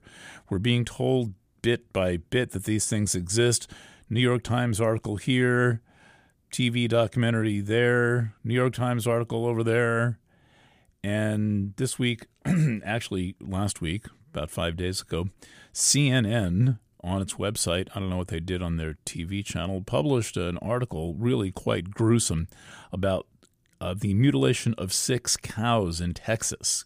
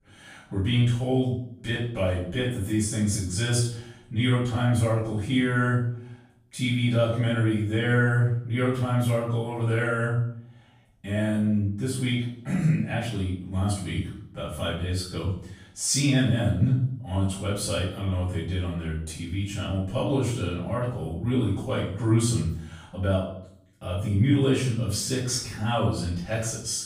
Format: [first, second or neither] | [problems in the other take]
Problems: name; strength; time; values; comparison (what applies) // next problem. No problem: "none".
first | off-mic speech; far // room echo; noticeable; dies away in 0.5 s